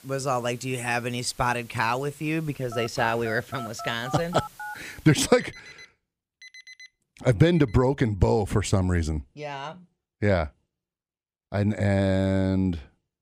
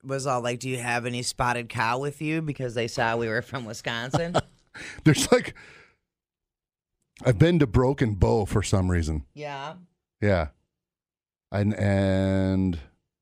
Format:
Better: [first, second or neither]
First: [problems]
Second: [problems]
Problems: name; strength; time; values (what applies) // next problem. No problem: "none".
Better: second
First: alarms or sirens; noticeable; until 7.5 s; 15 dB below the speech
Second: none